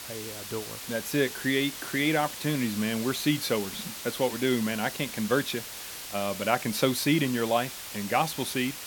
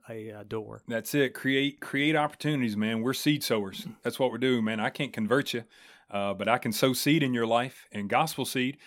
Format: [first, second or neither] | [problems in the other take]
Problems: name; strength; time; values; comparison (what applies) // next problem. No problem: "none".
second | hiss; loud; throughout; 8 dB below the speech